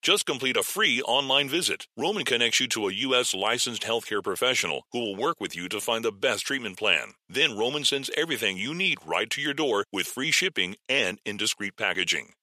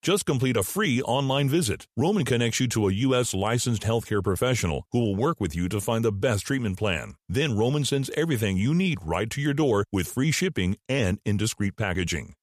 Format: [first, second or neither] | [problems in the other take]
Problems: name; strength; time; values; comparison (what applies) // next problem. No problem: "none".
second | thin; somewhat; fading below 350 Hz